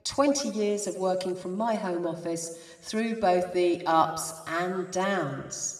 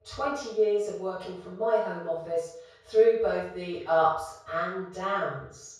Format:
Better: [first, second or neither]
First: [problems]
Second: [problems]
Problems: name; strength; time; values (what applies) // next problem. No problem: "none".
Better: first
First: room echo; slight; dies away in 1.2 s // off-mic speech; somewhat distant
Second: room echo; strong; dies away in 0.7 s // off-mic speech; far